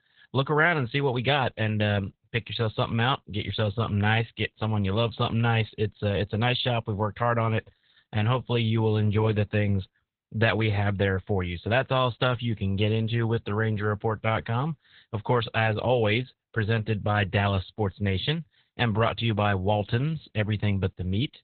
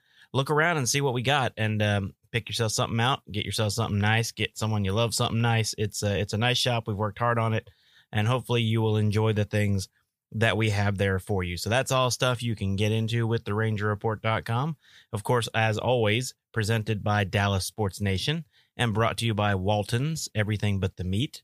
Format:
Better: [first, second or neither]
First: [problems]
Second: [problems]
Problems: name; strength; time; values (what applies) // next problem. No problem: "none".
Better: second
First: garbled, watery; badly; nothing above 4 kHz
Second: none